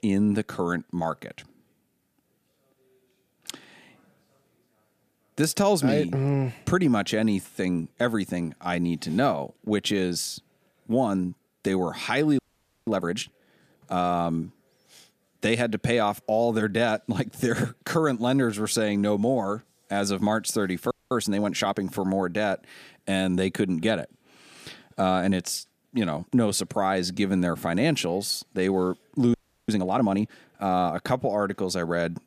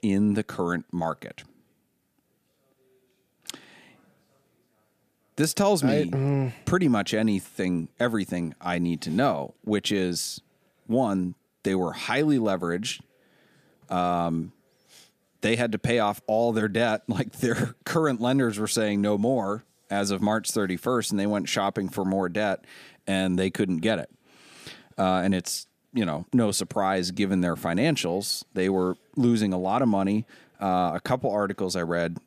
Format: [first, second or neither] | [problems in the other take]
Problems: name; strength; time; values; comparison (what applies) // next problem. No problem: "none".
second | audio freezing; at 12 s, at 21 s and at 29 s